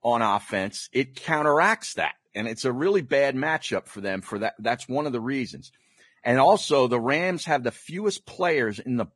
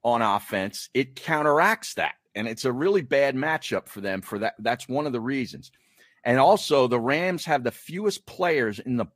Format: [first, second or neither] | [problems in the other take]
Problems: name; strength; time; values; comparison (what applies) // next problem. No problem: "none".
second | garbled, watery; badly; nothing above 10.5 kHz; slightly in the second